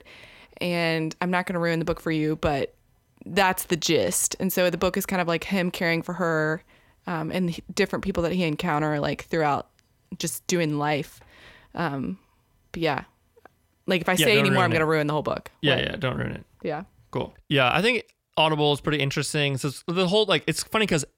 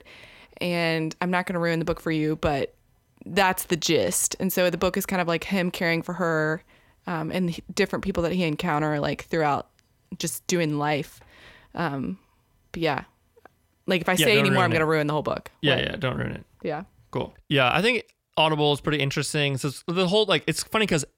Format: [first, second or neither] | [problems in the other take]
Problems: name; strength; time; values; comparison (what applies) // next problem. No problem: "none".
neither | none